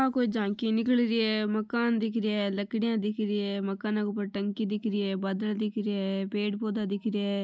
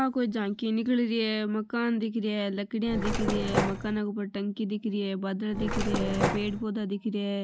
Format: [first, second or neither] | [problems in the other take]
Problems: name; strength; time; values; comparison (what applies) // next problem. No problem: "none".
first | background sound (Mechanisms); 1 dB below the speech